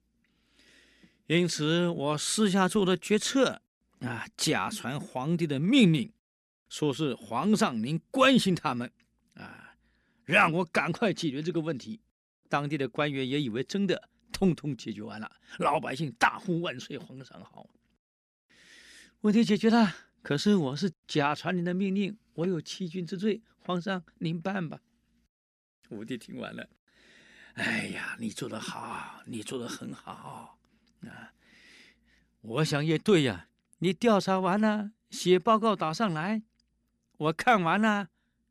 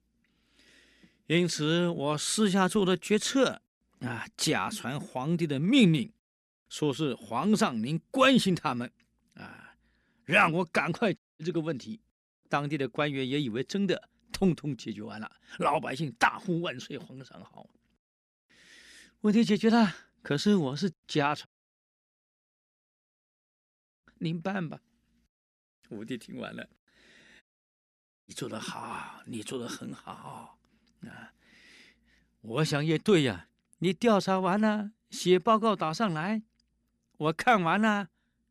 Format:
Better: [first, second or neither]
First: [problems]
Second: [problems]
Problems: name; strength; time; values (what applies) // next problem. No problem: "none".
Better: first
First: none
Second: audio cutting out; at 11 s, at 21 s for 2.5 s and at 27 s for 1 s